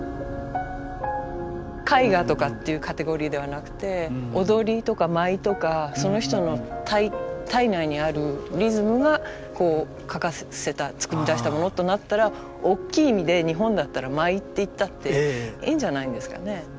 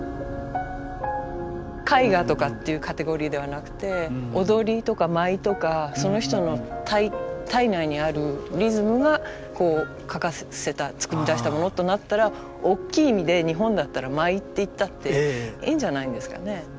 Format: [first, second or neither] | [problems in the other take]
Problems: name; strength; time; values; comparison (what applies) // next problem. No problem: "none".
first | background sound (Wind instrument, woodwind instrument); 19 dB below the speech